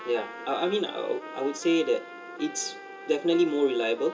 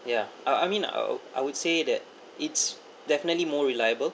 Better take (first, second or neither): second